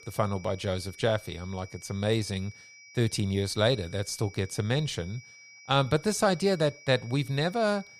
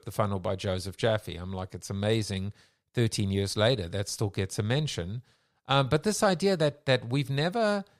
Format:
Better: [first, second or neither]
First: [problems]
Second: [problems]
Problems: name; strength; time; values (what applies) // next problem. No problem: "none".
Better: second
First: high-pitched whine; faint; throughout; 2.5 kHz, 20 dB below the speech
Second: none